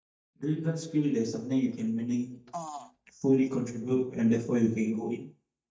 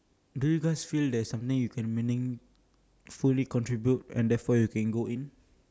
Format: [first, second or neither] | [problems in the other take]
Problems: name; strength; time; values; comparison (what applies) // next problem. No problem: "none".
second | noise reduction (neural mask model DeepFilterNet 3)